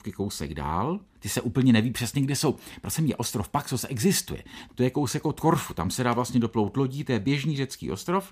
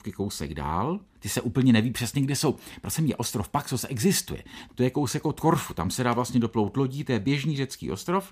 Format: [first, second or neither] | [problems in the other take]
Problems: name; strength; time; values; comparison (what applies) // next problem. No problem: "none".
neither | none